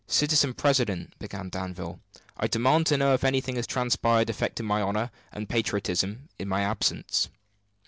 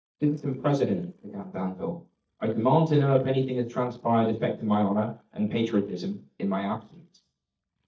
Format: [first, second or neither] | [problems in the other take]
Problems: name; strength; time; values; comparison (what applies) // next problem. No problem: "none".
first | noise reduction (neural mask model DeepFilterNet 3)